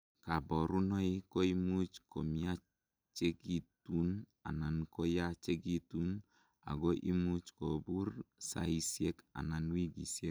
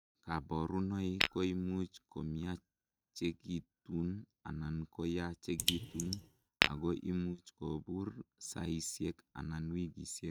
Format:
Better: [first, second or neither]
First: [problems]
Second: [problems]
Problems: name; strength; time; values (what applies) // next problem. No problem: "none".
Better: first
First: none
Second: noise reduction (neural mask model RNNoise)